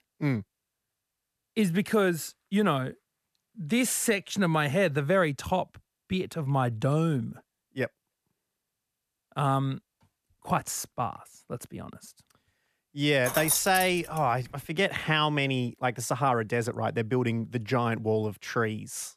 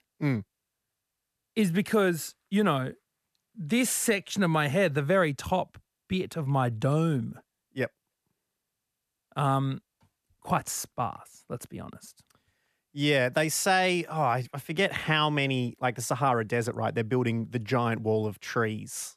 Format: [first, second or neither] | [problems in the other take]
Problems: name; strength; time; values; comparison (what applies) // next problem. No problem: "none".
second | jangling keys; loud; at 13 s; peak 1 dB above the speech